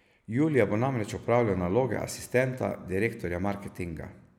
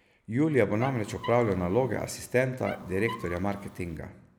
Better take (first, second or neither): first